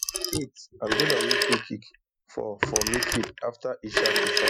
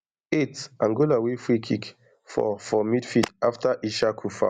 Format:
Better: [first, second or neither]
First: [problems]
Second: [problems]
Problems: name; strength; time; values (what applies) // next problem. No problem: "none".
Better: second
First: noise reduction (classical method Wiener filter)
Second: none